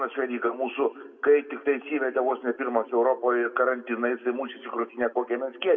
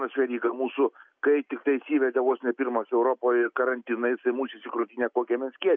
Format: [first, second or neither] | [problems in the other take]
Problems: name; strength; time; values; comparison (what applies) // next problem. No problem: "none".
second | room echo; dies away in 0.9 s